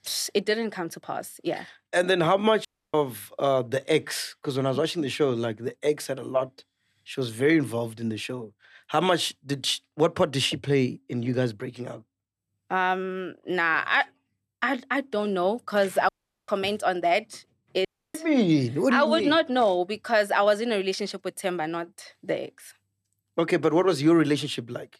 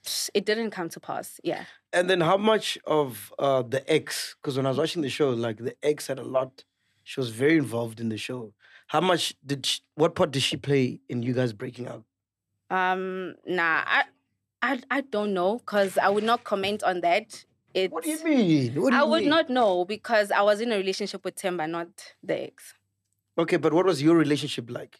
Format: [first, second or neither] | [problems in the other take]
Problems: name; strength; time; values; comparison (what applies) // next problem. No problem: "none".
second | audio cutting out; at 2.5 s, at 16 s and at 18 s